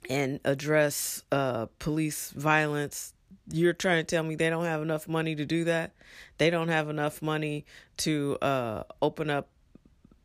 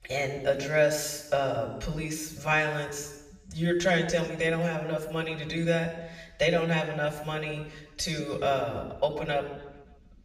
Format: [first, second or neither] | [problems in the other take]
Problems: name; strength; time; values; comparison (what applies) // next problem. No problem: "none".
first | room echo; slight; dies away in 1 s // off-mic speech; far